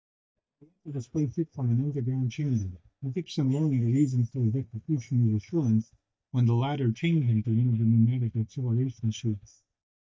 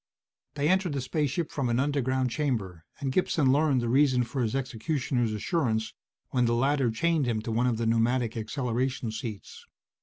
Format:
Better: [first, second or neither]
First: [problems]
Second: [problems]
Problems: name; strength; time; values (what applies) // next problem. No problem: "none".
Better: second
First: noise reduction (neural mask model DeepFilterNet 3)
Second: none